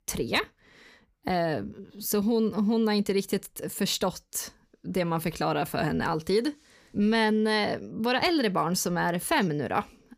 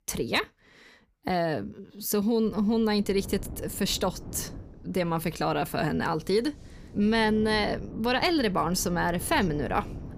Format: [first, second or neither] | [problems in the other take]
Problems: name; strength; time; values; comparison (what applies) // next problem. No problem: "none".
first | wind noise on the microphone; occasional gusts; from 2.5 s on; 20 dB below the speech